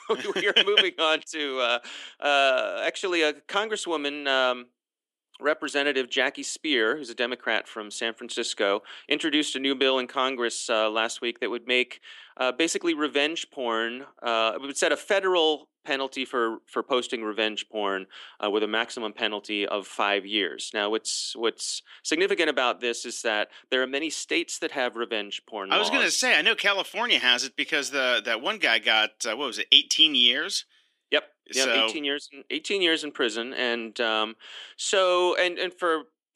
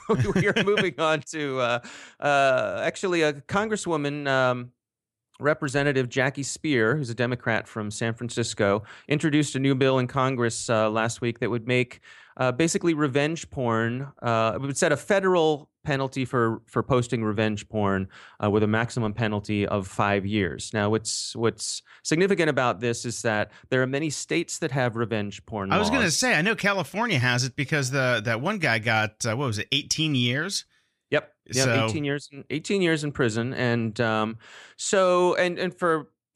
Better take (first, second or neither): second